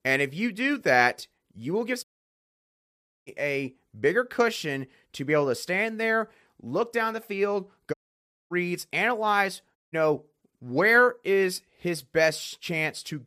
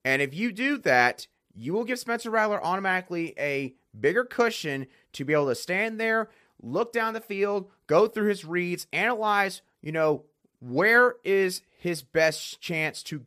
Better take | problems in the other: second | audio cutting out; at 2 s for 1 s, at 8 s for 0.5 s and at 10 s

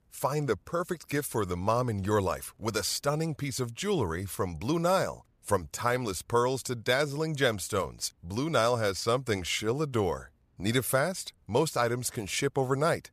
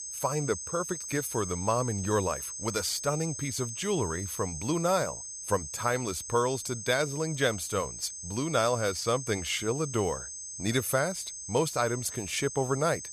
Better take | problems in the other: first | high-pitched whine; loud; throughout; 6.5 kHz, 7 dB below the speech

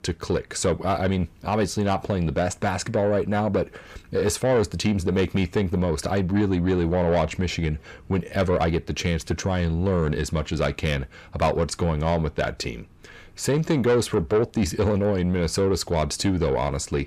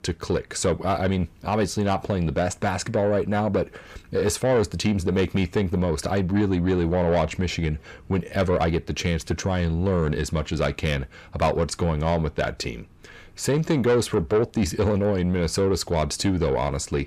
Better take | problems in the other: neither | distortion; slight; 10 dB below the speech; the same in both

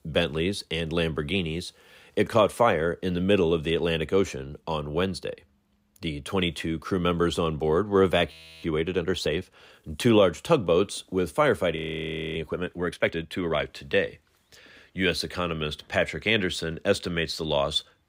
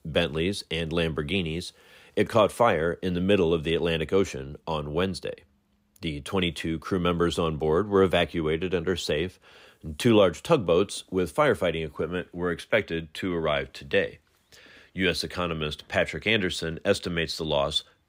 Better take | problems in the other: second | audio freezing; at 8.5 s and at 12 s for 0.5 s

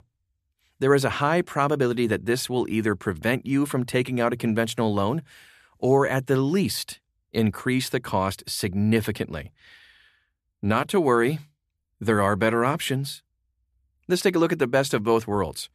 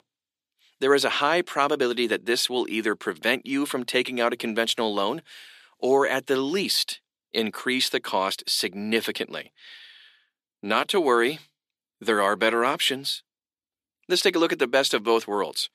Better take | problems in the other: first | thin; very slightly; fading below 300 Hz

